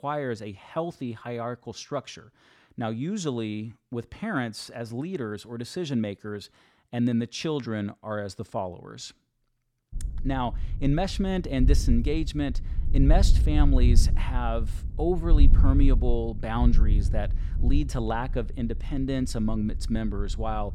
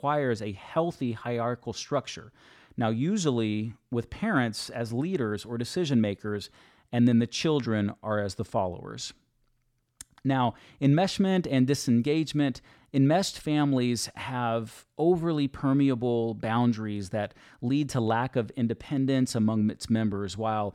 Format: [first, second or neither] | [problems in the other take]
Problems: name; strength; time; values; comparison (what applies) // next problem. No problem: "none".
second | wind noise on the microphone; occasional gusts; from 10 s on; 15 dB below the speech